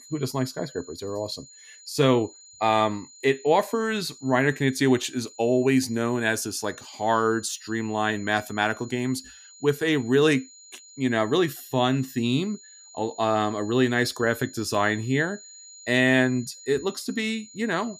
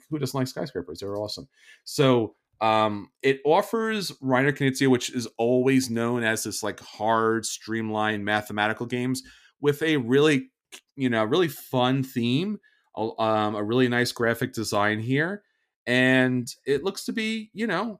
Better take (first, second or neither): second